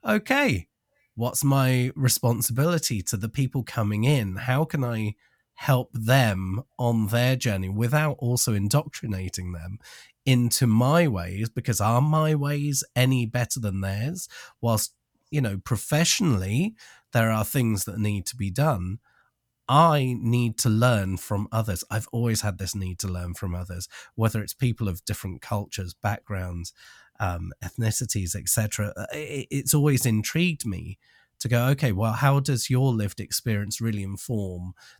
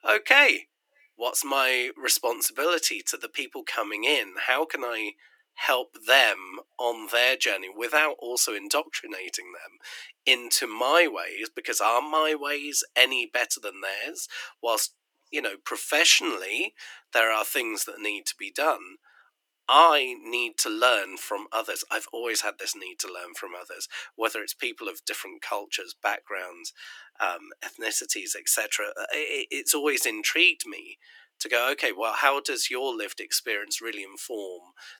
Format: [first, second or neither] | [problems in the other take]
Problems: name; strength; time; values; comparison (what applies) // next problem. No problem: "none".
first | thin; very; fading below 300 Hz